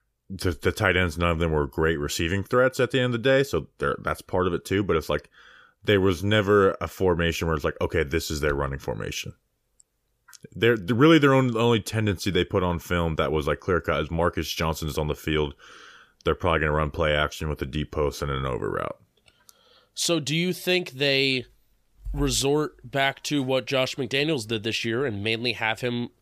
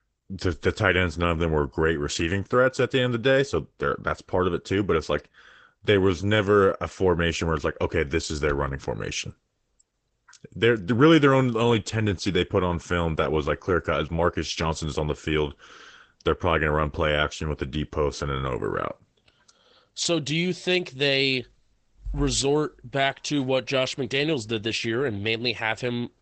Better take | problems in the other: first | garbled, watery; badly; nothing above 8 kHz

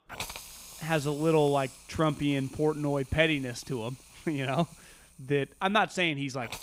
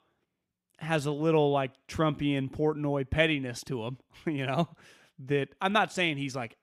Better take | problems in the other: second | hiss; noticeable; throughout; 15 dB below the speech

